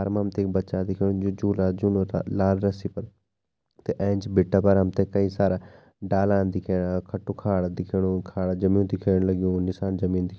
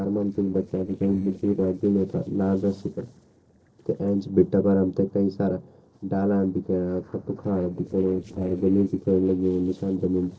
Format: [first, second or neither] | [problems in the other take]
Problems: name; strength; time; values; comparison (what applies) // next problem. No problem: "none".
first | noise reduction (neural separator model SepFormer DNS4)